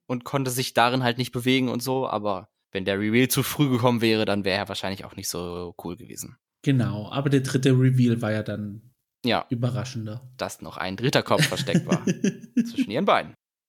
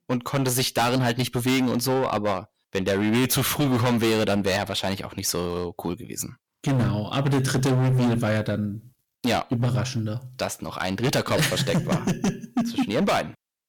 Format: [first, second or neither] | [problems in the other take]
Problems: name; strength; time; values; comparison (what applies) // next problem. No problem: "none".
first | distortion; heavy; 17% of the sound clipped